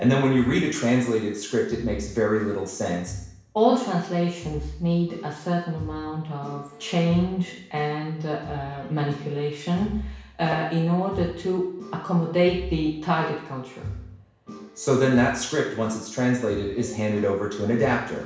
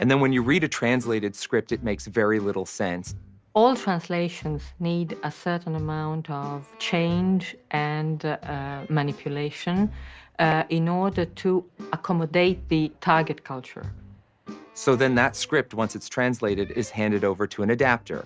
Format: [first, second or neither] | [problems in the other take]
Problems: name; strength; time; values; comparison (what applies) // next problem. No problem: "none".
second | room echo; dies away in 0.7 s